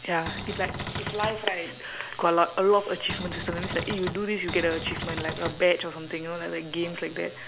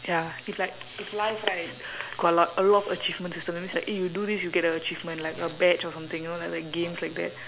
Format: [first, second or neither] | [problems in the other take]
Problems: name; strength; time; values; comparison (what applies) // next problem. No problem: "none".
second | background sound (Cupboard open or close); 7 dB below the speech